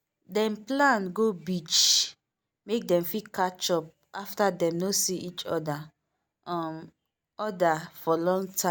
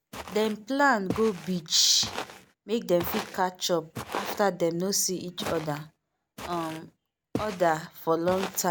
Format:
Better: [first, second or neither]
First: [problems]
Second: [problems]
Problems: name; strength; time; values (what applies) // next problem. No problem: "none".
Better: first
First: none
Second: background sound (Walk, footsteps); 12 dB below the speech